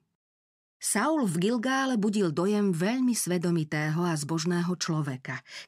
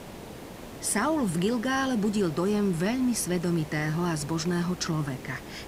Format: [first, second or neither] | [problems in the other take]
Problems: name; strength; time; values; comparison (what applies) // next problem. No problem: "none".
first | hiss; noticeable; throughout; 15 dB below the speech